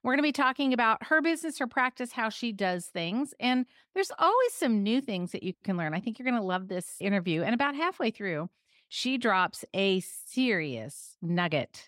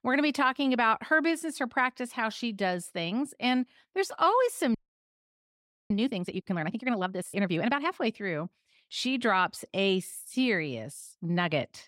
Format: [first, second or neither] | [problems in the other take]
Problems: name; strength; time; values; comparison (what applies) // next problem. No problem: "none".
first | audio freezing; at 5 s for 1 s